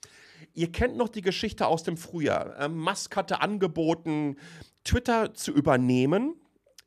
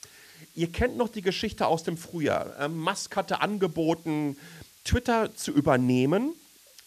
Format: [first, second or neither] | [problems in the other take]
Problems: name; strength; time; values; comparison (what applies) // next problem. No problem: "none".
first | hiss; faint; throughout; 25 dB below the speech